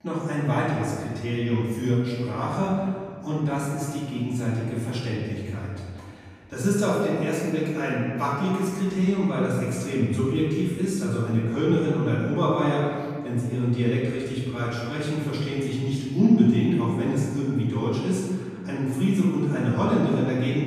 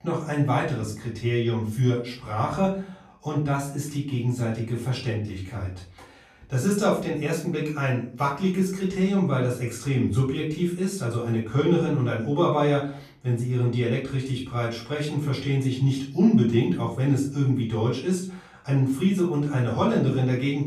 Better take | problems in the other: second | room echo; strong; dies away in 1.8 s; slight in the second // off-mic speech; far; far in the second

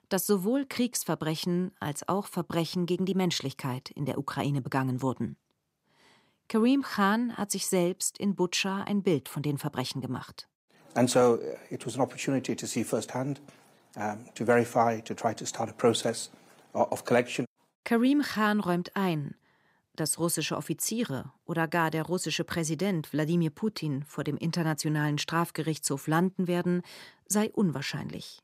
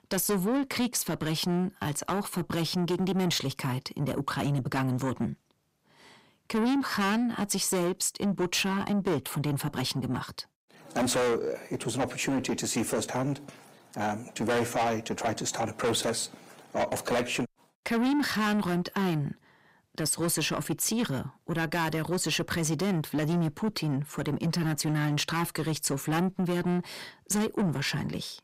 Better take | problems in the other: first | distortion; heavy; 6 dB below the speech

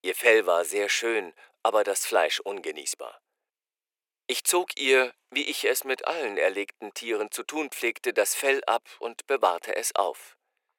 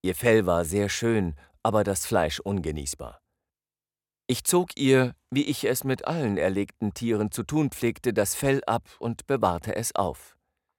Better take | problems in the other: second | thin; very; fading below 400 Hz

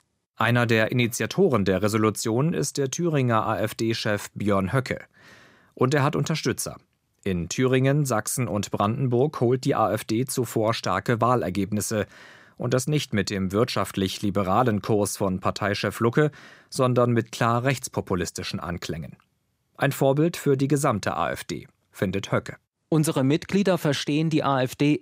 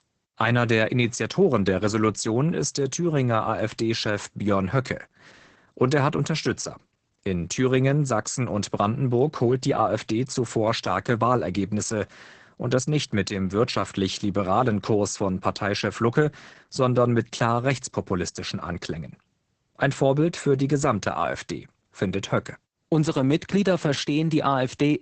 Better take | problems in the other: first | garbled, watery; badly; nothing above 8 kHz

